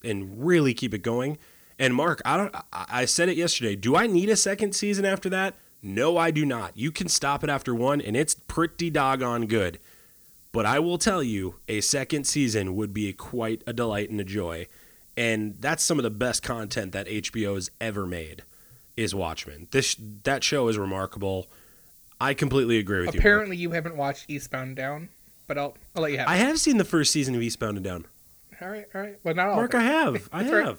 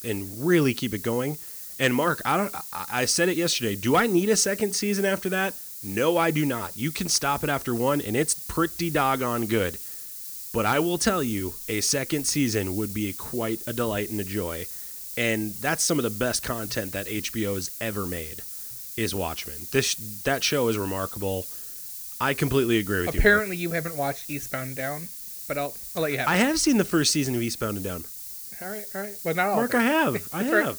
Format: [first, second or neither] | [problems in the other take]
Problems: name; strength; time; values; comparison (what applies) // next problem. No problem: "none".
first | hiss; loud; throughout; 9 dB below the speech; faint in the first